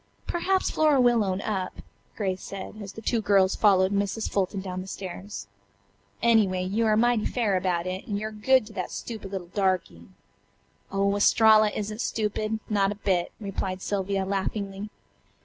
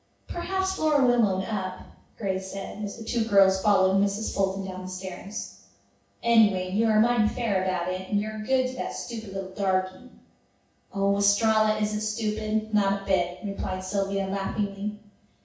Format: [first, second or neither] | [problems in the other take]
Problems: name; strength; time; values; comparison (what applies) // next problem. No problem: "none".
first | room echo; dies away in 0.7 s